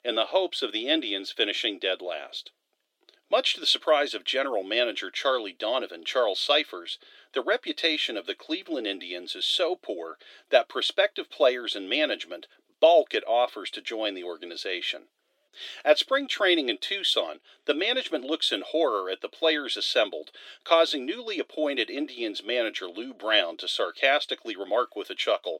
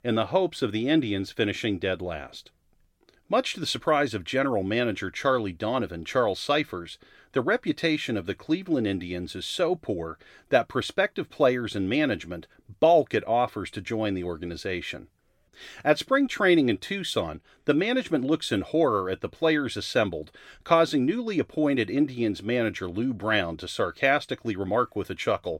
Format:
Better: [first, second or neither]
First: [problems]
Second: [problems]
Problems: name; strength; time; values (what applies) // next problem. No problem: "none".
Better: second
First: thin; somewhat; fading below 350 Hz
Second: none